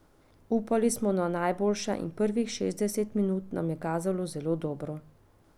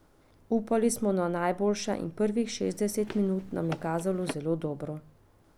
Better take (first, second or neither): first